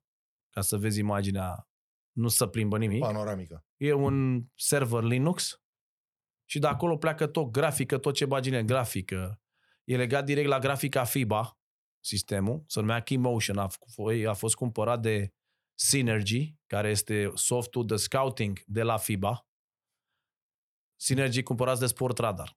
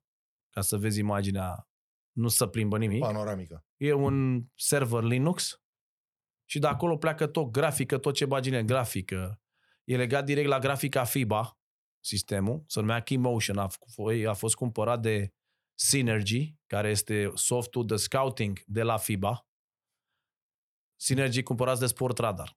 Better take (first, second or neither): neither